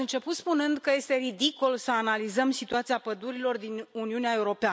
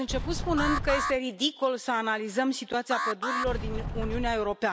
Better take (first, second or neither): first